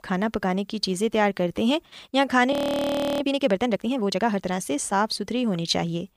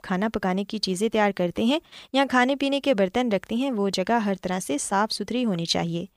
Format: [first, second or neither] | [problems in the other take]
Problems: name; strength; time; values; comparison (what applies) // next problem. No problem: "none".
second | audio freezing; at 2.5 s for 0.5 s